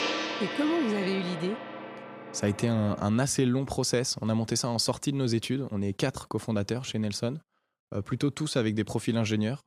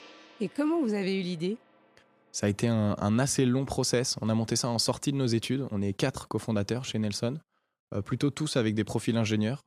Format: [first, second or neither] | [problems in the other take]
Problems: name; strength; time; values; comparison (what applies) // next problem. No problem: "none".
second | background music; loud; until 3 s; 7 dB below the speech; faint in the second